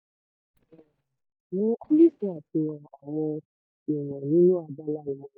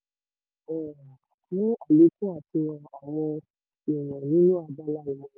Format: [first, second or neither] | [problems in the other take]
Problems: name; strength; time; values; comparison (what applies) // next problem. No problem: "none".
second | noise reduction (neural mask model DeepFilterNet 3)